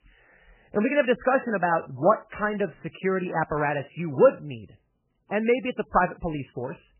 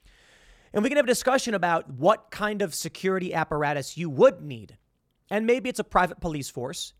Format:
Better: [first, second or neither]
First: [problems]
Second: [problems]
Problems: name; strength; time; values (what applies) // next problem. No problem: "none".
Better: second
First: garbled, watery; badly; nothing above 3 kHz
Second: none